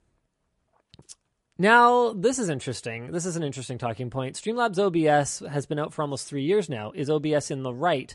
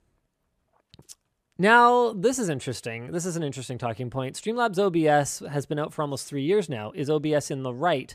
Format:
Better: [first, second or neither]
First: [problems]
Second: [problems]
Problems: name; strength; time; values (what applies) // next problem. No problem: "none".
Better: second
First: garbled, watery; slightly; nothing above 11 kHz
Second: none